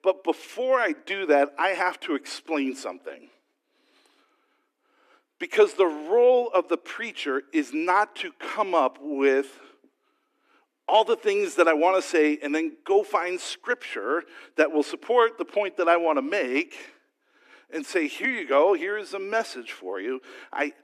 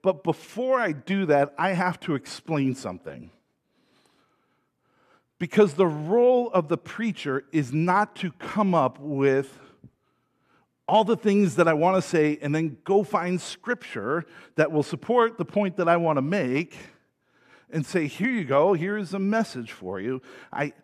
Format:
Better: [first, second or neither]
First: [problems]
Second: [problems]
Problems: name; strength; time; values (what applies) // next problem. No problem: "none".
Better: second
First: thin; somewhat; fading below 300 Hz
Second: none